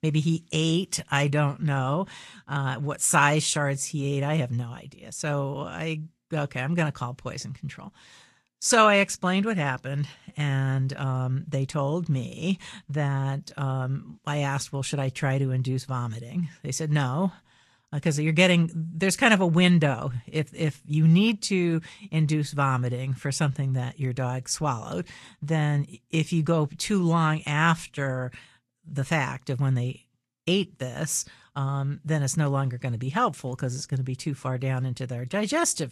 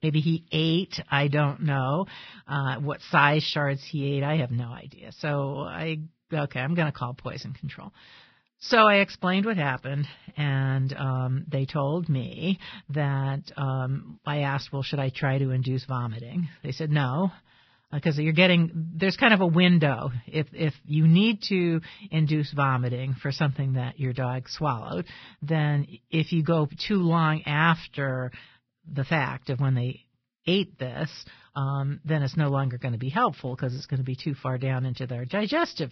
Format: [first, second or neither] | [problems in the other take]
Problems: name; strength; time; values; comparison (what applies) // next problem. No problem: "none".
first | garbled, watery; badly; nothing above 5.5 kHz; slightly in the first